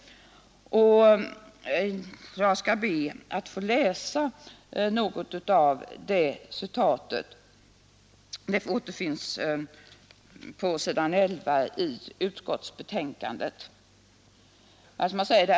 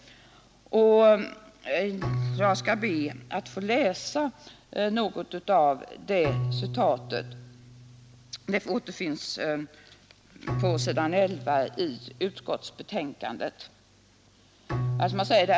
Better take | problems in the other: first | background sound (Bowed string instrument); 9 dB below the speech

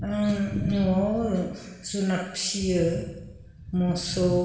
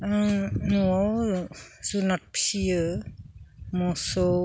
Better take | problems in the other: second | room echo; dies away in 1.1 s

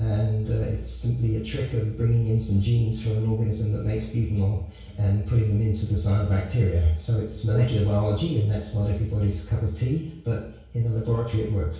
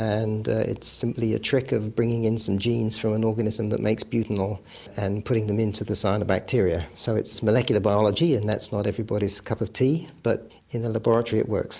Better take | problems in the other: second | room echo; dies away in 0.6 s

